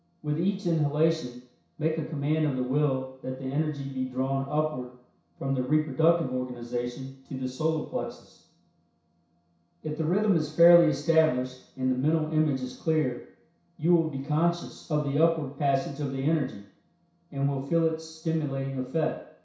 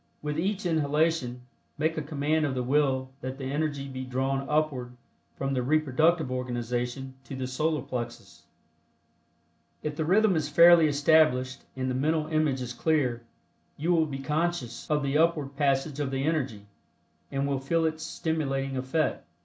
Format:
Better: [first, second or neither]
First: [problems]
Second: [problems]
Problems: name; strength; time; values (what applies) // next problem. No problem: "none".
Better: second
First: room echo; dies away in 0.6 s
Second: none